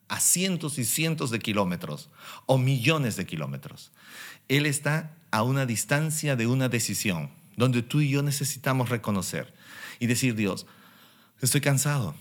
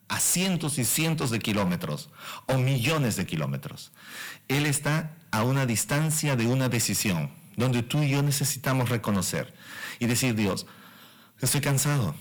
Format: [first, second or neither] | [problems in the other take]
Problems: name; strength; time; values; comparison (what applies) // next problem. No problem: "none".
first | distortion; heavy; 20% of the sound clipped